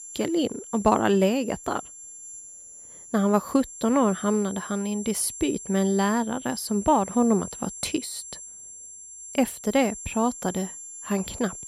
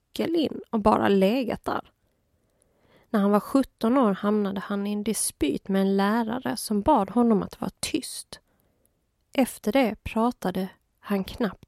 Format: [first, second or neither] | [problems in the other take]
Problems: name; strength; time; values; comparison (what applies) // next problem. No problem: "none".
second | high-pitched whine; noticeable; throughout; 7.5 kHz, 15 dB below the speech